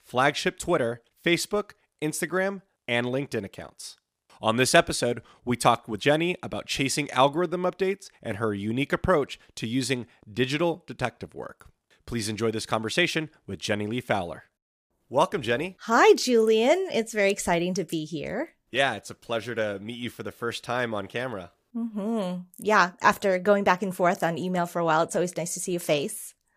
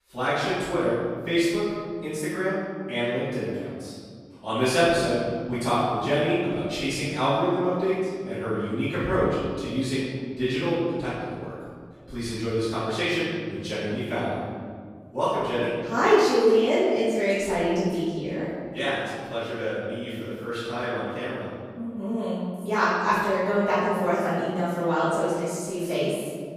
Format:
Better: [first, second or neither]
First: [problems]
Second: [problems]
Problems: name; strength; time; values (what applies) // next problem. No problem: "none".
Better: first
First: none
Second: off-mic speech; far // room echo; strong; dies away in 2 s